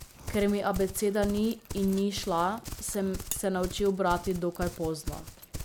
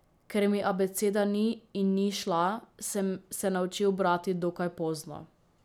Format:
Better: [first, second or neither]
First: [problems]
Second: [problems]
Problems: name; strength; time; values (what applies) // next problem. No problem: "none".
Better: second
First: background sound (Livestock, farm animals, working animals); 10 dB below the speech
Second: none